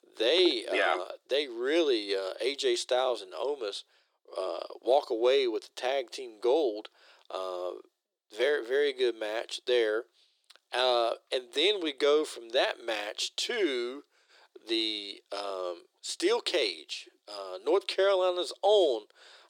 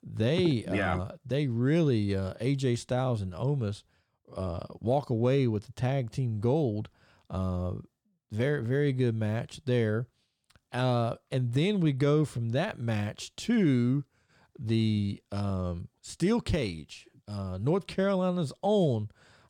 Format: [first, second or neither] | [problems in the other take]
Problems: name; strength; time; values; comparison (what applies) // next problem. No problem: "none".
second | thin; very; fading below 350 Hz